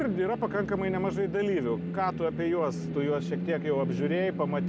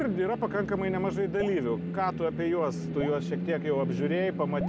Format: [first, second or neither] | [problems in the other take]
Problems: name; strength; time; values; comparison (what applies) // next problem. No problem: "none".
first | background sound (Drip); 19 dB below the speech